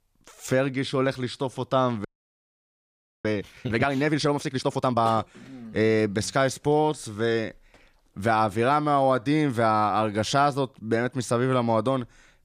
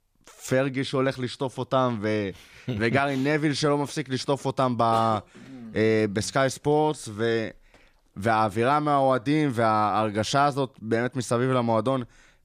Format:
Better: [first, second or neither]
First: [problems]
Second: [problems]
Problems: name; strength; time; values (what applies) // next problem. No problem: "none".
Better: second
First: audio freezing; at 2 s for 1 s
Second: none